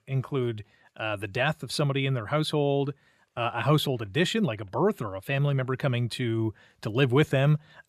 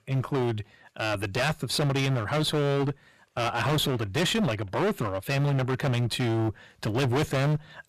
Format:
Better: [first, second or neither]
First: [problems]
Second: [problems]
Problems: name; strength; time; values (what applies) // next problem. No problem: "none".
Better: first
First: none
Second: distortion; heavy; 27% of the sound clipped